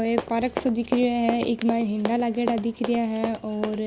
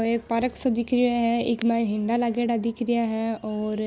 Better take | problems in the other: second | background sound (Run); 9 dB below the speech

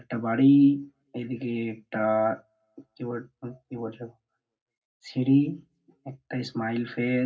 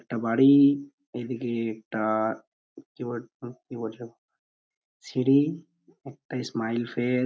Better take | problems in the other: second | room echo; dies away in 0.4 s

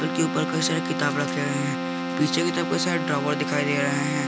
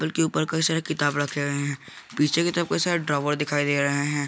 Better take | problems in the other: second | background sound (Keyboard (musical)); 2 dB below the speech

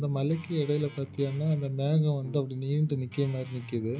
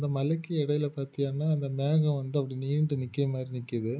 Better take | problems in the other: second | background sound (Guitar); 18 dB below the speech

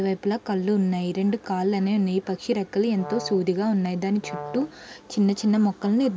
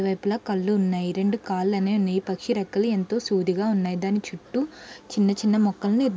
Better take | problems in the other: second | background sound (Brass instrument); 15 dB below the speech

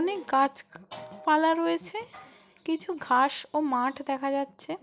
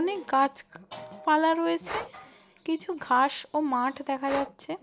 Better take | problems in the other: first | background sound (Breathing); 16 dB below the speech

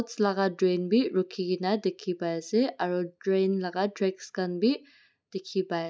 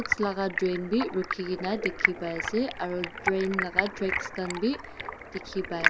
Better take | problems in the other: first | background sound (Stream); 2 dB below the speech

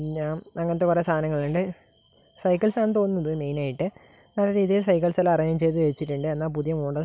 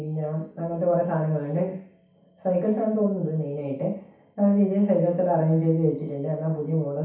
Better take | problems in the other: first | room echo; dies away in 0.7 s

